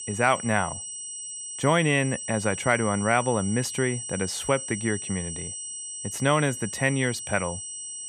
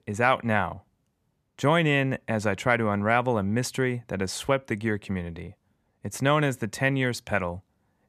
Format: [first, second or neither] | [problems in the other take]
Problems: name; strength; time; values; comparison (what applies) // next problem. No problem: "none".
second | high-pitched whine; loud; throughout; 8 kHz, 7 dB below the speech